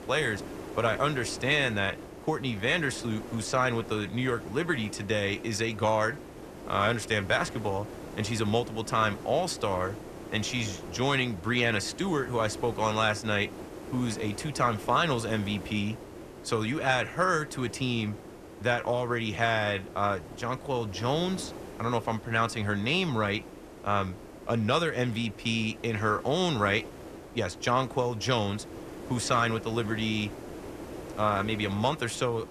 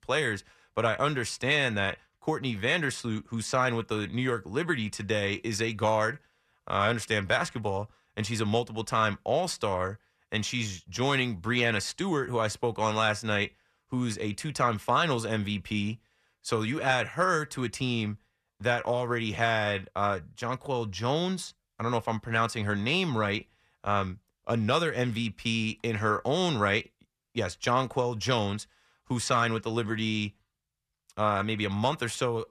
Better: second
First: hiss; noticeable; throughout; 15 dB below the speech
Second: none

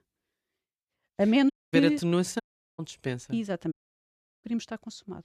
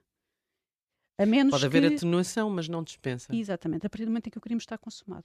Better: second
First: audio cutting out; at 1.5 s, at 2.5 s and at 3.5 s for 0.5 s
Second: none

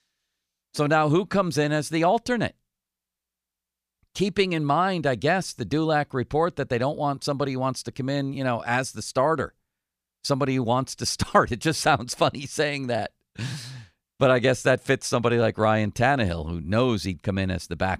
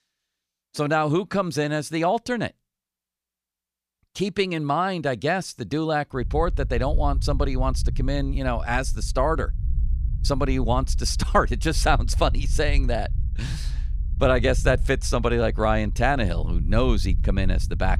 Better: first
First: none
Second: low rumble; faint; from 6 s on; 20 dB below the speech

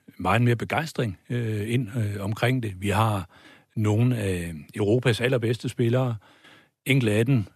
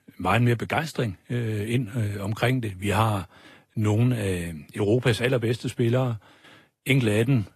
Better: first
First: none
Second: garbled, watery; slightly; nothing above 13.5 kHz

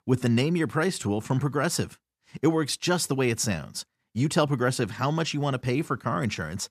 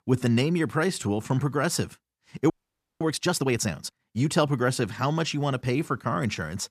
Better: first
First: none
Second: audio freezing; at 2.5 s for 0.5 s

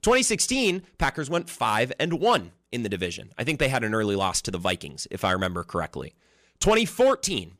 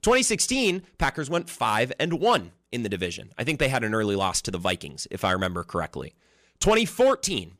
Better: neither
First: none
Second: none

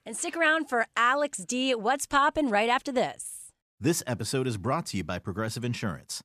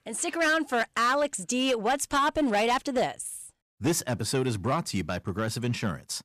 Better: first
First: none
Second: distortion; slight; 7% of the sound clipped

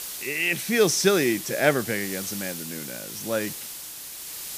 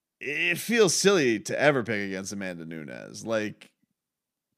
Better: second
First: hiss; loud; throughout; 9 dB below the speech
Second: none

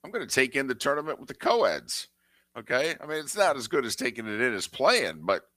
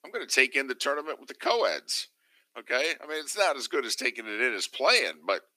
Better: first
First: none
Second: thin; very slightly; fading below 300 Hz

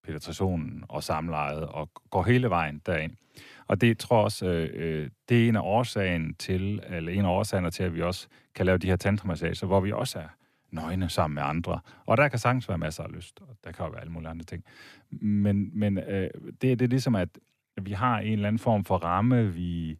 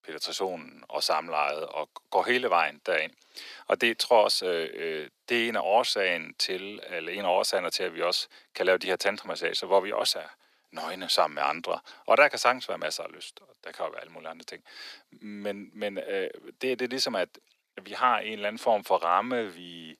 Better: first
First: none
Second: thin; very; fading below 400 Hz

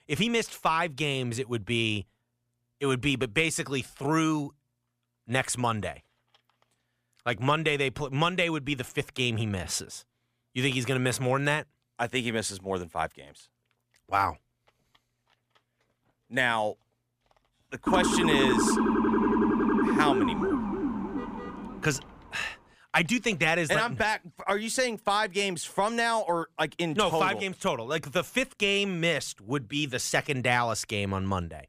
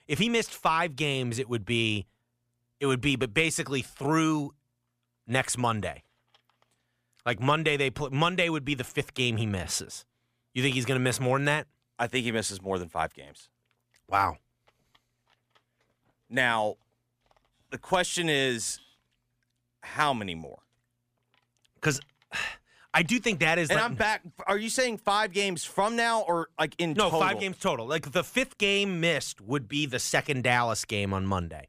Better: second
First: siren; loud; from 18 to 22 s; peak 4 dB above the speech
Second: none

